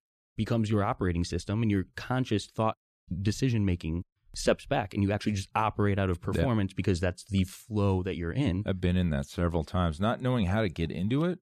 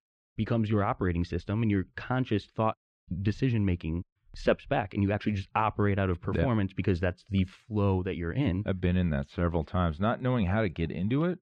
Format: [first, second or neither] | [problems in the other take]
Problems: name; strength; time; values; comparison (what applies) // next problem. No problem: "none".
first | muffled; slightly; fading above 2.5 kHz